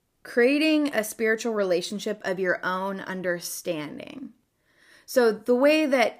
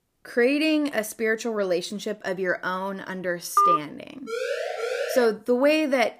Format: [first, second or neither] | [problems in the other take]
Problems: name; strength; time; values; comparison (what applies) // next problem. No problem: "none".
first | phone ringing; loud; at 3.5 s; peak 5 dB above the speech // siren; noticeable; at 4.5 s; peak 3 dB below the speech